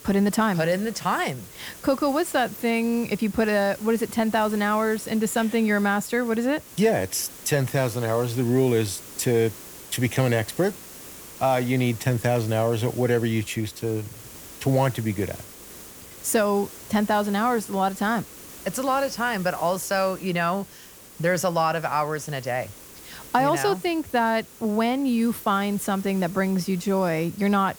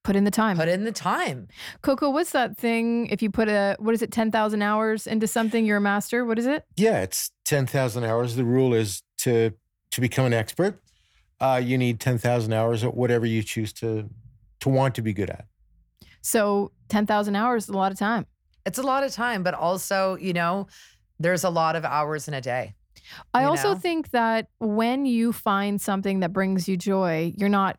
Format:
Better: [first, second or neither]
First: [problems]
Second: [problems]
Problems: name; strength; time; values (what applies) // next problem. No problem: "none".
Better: second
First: hiss; noticeable; throughout; 15 dB below the speech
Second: none